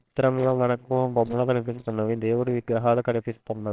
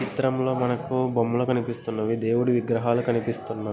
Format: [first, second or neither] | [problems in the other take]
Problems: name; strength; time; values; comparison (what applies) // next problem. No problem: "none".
second | noise reduction (neural separator model SepFormer WHAMR!)